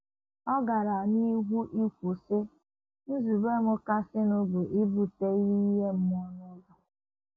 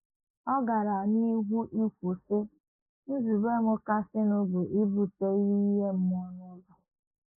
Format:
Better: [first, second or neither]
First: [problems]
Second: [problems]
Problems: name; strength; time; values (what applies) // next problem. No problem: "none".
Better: first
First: none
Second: noise reduction (neural mask model Resemble Enhance denoiser)